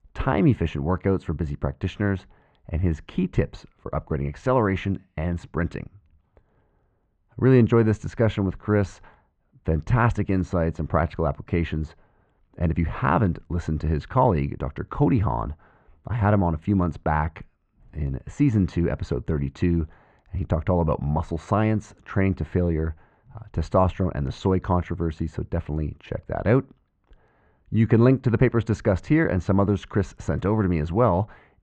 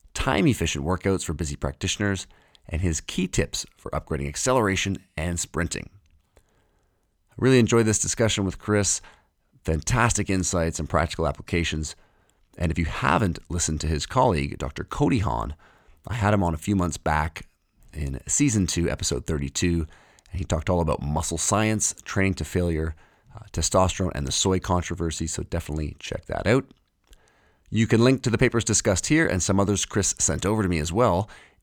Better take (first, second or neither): second